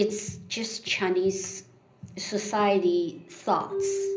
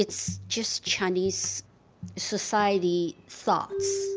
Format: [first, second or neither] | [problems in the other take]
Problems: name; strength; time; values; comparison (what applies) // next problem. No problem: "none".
second | room echo; dies away in 0.5 s